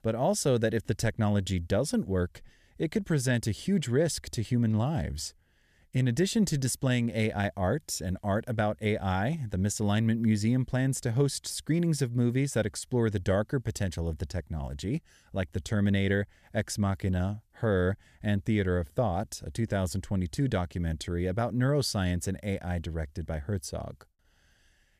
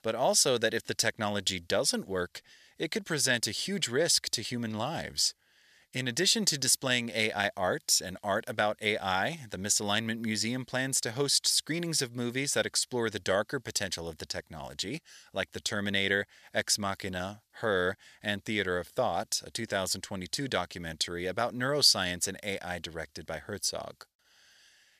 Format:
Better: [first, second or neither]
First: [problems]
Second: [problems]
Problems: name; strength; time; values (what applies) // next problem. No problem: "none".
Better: first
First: none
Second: thin; somewhat; fading below 1 kHz